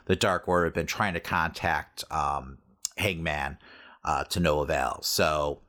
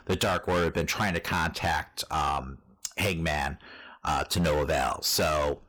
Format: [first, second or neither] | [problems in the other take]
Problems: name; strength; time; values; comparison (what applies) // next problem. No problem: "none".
first | distortion; heavy; 13% of the sound clipped